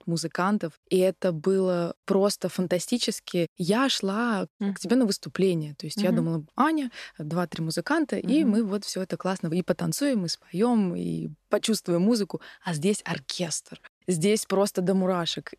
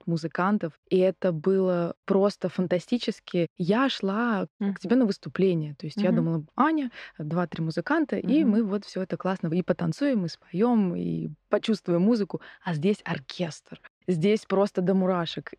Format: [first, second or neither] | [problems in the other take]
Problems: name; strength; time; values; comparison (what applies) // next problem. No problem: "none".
first | muffled; slightly; fading above 3 kHz